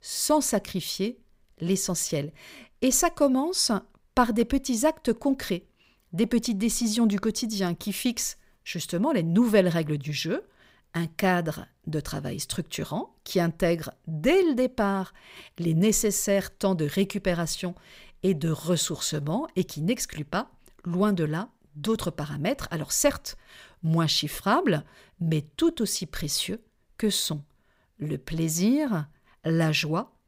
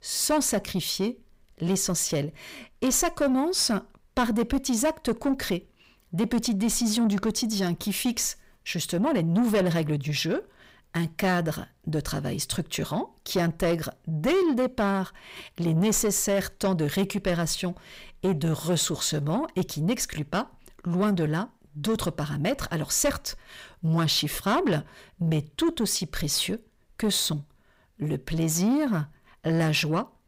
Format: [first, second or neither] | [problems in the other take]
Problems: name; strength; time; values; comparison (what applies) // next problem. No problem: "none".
first | distortion; slight; 10 dB below the speech